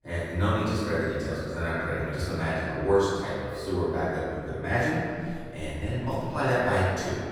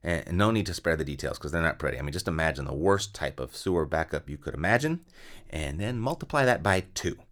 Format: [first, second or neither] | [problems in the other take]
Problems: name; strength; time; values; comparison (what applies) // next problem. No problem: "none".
second | off-mic speech; far // room echo; strong; dies away in 2 s